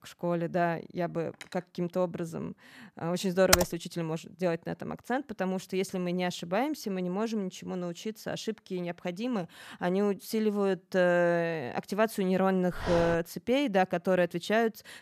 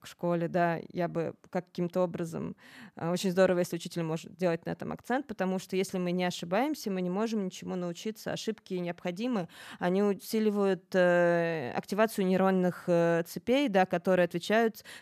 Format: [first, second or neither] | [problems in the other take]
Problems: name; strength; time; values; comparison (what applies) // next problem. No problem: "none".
second | clattering dishes; faint; at 1.5 s; peak 20 dB below the speech // keyboard typing; loud; at 3.5 s; peak 5 dB above the speech // dog barking; noticeable; at 13 s; peak 4 dB below the speech